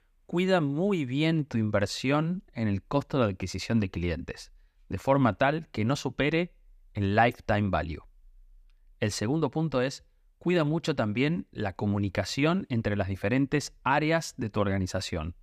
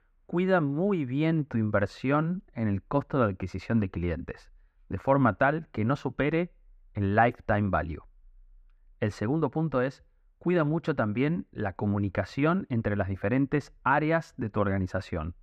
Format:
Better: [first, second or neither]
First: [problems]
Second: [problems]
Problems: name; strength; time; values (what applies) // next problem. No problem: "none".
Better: first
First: none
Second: muffled; very; fading above 3 kHz